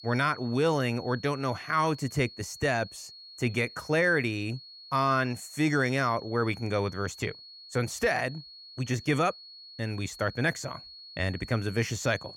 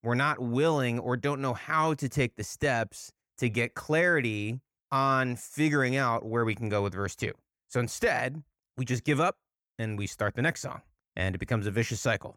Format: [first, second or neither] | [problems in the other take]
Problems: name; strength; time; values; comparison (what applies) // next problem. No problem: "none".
second | high-pitched whine; noticeable; throughout; 4.5 kHz, 15 dB below the speech